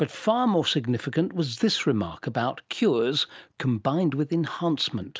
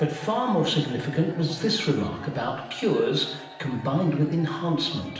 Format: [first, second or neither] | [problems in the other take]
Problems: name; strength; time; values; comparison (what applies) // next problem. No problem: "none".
first | background sound (Crowd / Cheering); 18 dB below the speech // room echo; dies away in 0.8 s